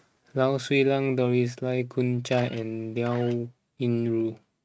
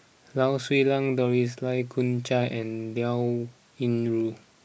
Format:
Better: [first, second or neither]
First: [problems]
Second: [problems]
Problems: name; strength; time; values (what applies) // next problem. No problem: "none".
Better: second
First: noise reduction (neural mask model RNNoise)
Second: none